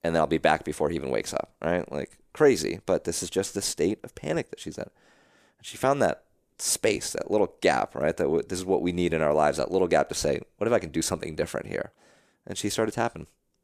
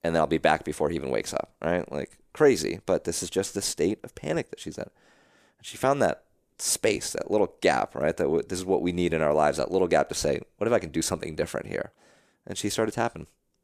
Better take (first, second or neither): neither